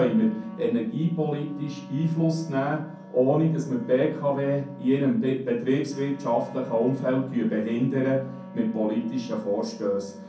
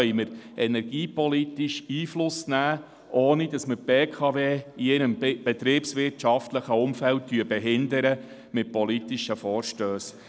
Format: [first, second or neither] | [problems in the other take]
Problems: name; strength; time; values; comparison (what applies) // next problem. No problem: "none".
second | background sound (Wind instrument, woodwind instrument); 17 dB below the speech // room echo; dies away in 0.6 s